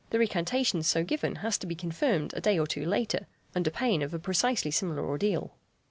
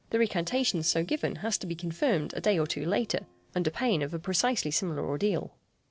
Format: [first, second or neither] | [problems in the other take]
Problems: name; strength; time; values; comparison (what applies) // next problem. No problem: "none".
first | noise reduction (neural separator model SepFormer DNS4)